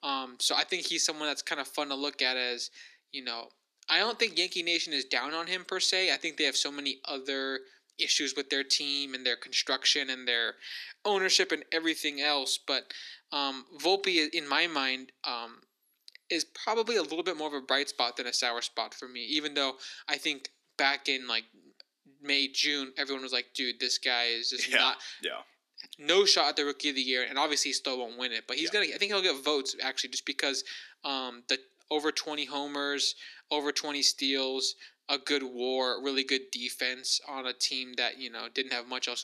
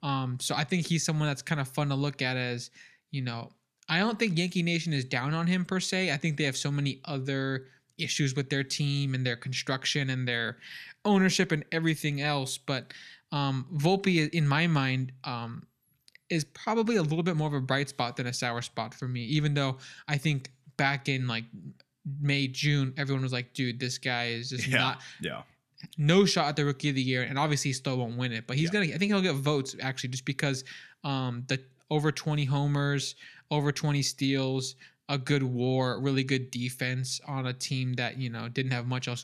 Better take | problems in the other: second | thin; somewhat; fading below 300 Hz

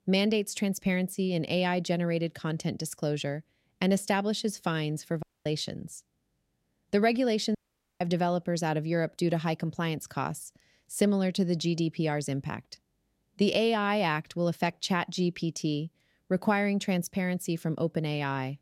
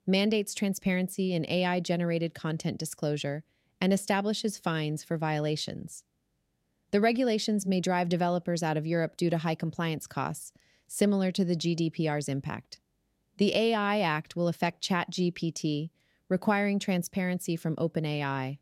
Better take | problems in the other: second | audio cutting out; at 5 s and at 7.5 s

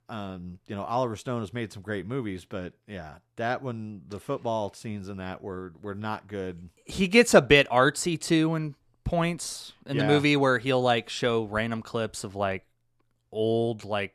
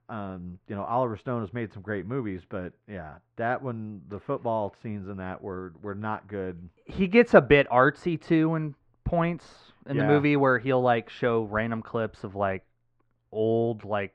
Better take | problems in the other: first | muffled; very; fading above 1.5 kHz

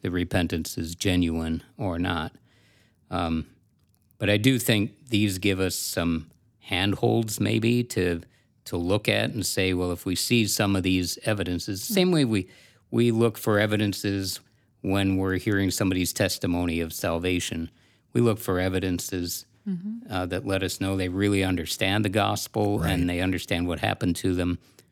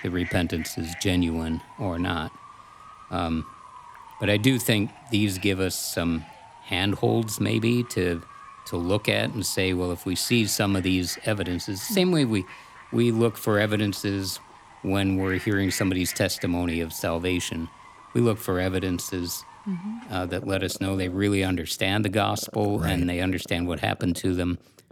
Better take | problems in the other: first | animal sounds; noticeable; throughout; 20 dB below the speech

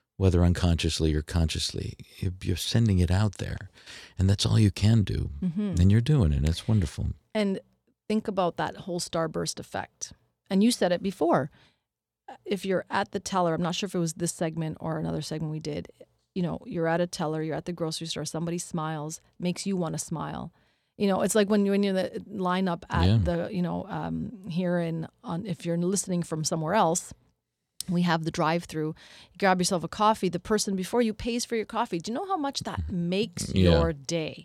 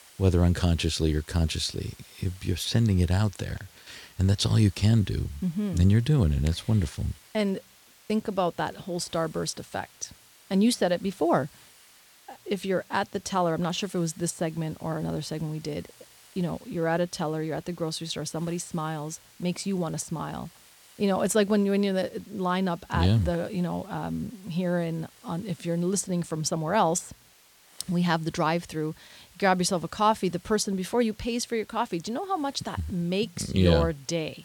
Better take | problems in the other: first | hiss; faint; throughout; 25 dB below the speech

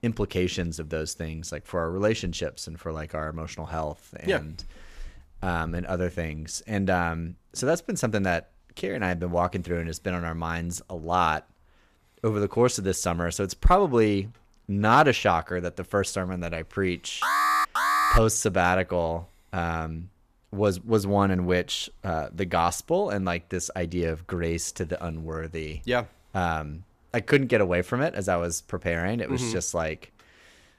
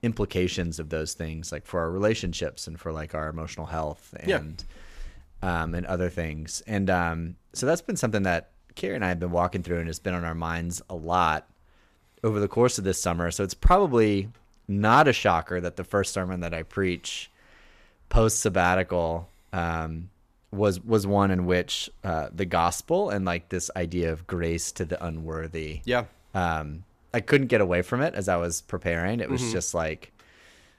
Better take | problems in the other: second | alarm; loud; at 17 s; peak 5 dB above the speech

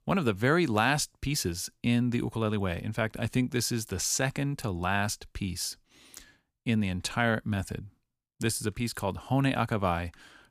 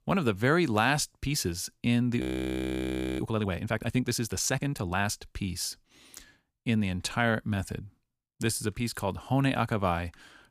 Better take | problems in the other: first | audio freezing; at 2 s for 1 s

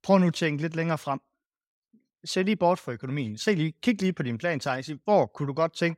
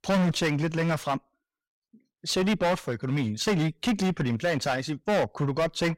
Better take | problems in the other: first | distortion; heavy; 14% of the sound clipped

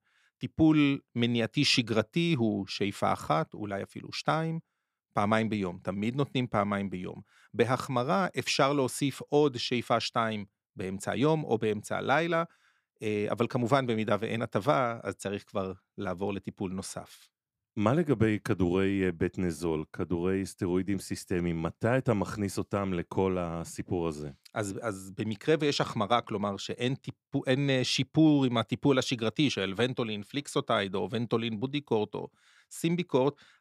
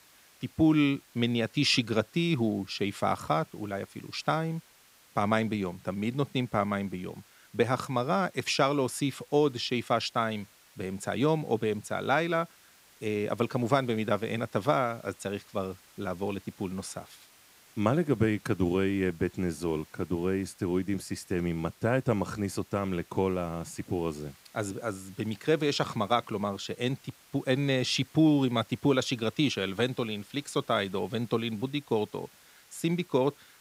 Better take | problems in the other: first | hiss; faint; throughout; 25 dB below the speech

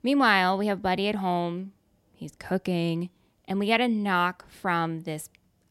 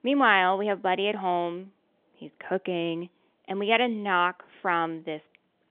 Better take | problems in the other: first | phone-call audio; nothing above 3.5 kHz

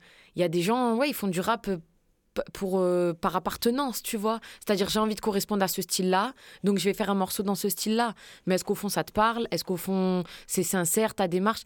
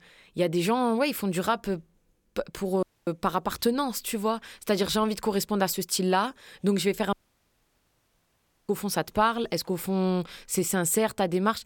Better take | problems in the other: first | audio cutting out; at 3 s and at 7 s for 1.5 s

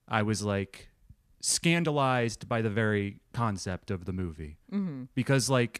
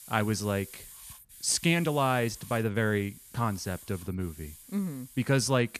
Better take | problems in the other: first | hiss; noticeable; throughout; 15 dB below the speech

